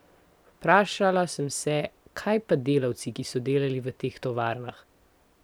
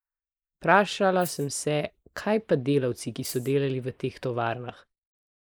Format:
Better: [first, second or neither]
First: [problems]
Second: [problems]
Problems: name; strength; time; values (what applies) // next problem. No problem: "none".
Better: first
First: none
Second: noise reduction (neural mask model Resemble Enhance denoiser)